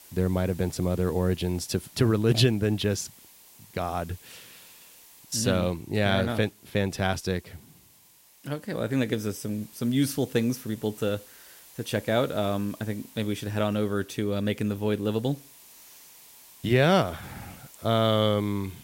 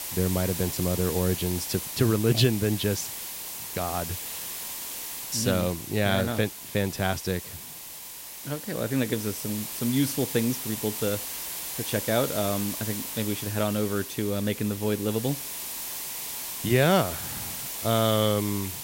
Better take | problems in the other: first | hiss; loud; throughout; 6 dB below the speech; faint in the first

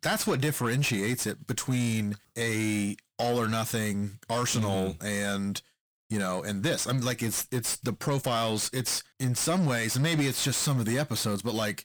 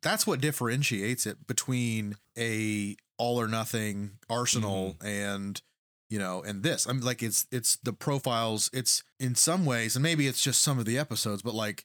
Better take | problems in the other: second | distortion; heavy; 8 dB below the speech

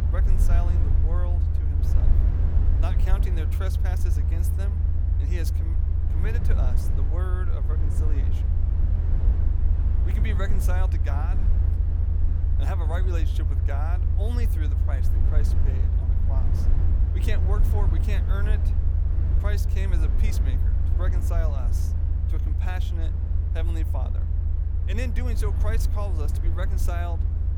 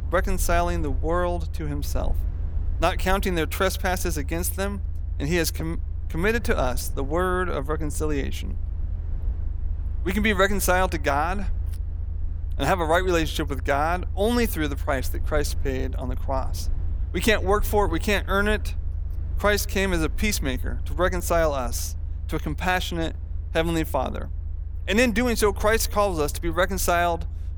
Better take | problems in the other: second | low rumble; loud; throughout; 3 dB below the speech; faint in the second

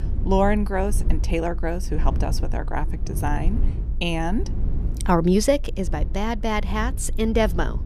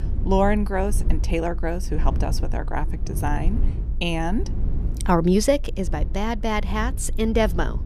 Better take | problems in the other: neither | low rumble; noticeable; throughout; 20 dB below the speech; the same in both

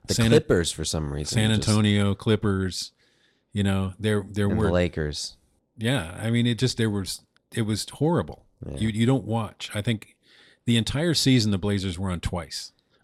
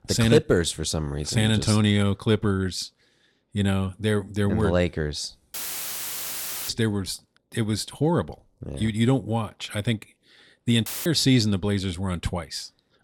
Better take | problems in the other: first | audio cutting out; filled with static; at 5.5 s for 1 s and at 11 s

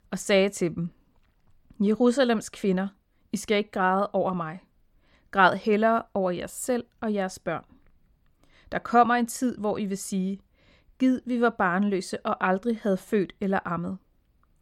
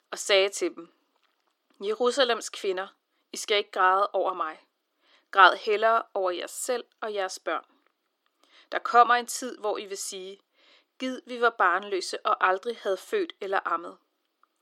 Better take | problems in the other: first | thin; very; fading below 300 Hz

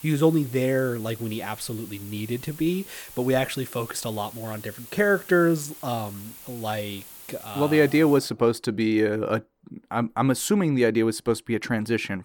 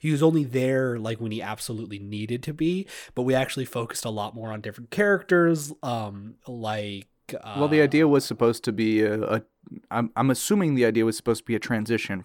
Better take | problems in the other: second | hiss; noticeable; until 8 s; 15 dB below the speech

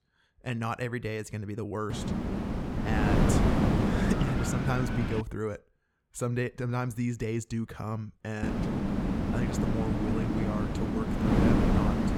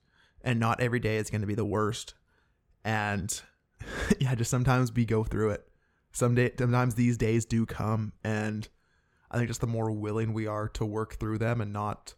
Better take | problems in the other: second | wind noise on the microphone; heavy; from 2 to 5 s and from 8.5 s on; 4 dB above the speech

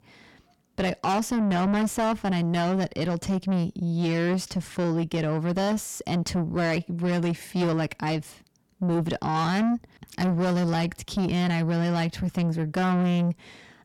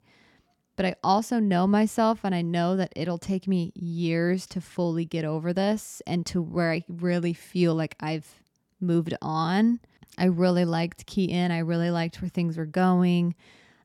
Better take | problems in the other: second | distortion; heavy; 7 dB below the speech

